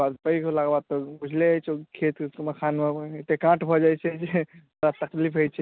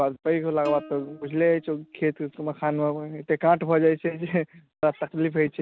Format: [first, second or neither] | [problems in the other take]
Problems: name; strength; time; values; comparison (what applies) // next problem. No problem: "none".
first | background sound (Plucked string instrument); 19 dB below the speech